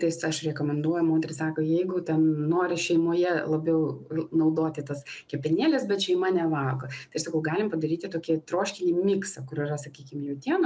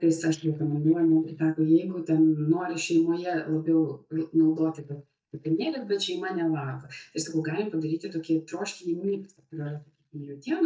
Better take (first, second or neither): first